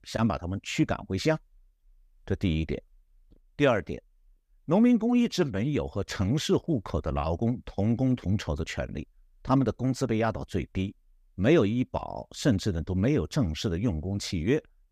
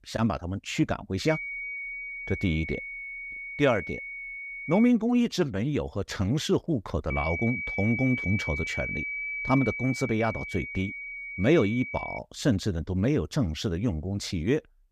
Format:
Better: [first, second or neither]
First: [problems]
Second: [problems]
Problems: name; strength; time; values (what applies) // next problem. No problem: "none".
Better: first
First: none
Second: high-pitched whine; loud; from 1.5 to 5 s and from 7 to 12 s; 2.5 kHz, 6 dB below the speech